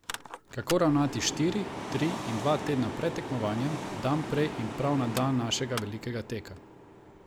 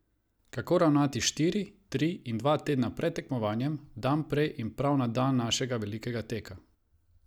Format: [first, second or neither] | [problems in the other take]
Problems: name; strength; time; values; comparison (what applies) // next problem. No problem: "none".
second | background sound (Mechanical fan); 8 dB below the speech